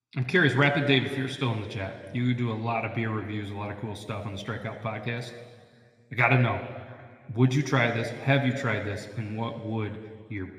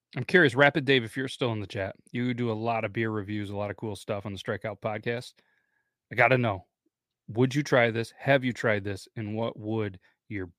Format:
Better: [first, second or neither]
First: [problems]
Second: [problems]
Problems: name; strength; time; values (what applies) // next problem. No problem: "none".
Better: second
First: room echo; slight; dies away in 2 s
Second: none